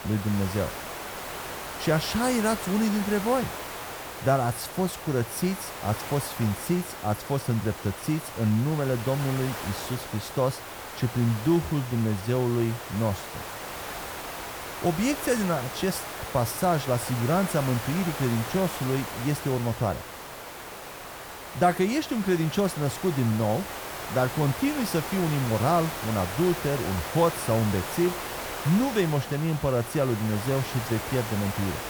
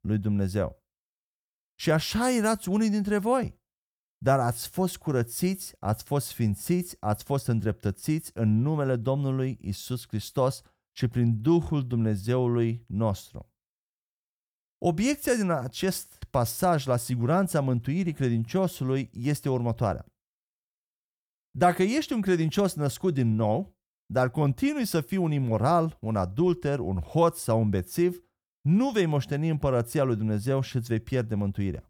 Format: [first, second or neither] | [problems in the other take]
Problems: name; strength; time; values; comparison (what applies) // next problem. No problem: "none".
second | hiss; loud; throughout; 8 dB below the speech